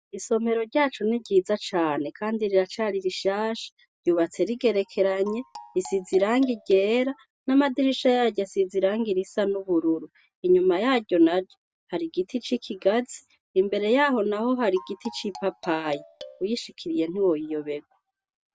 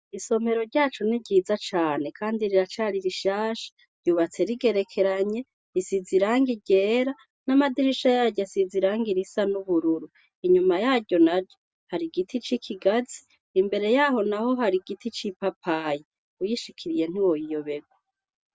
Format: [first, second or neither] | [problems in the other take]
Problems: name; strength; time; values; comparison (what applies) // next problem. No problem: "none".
second | background sound (Marimba, xylophone); 19 dB below the speech